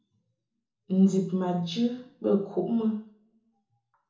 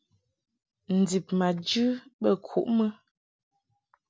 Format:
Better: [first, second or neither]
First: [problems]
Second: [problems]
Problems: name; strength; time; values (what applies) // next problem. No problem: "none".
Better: second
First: room echo; dies away in 0.8 s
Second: none